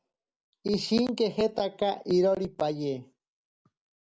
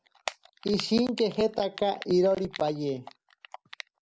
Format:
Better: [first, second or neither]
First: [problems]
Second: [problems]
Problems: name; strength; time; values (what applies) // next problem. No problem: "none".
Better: first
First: none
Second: background sound (Typing); 16 dB below the speech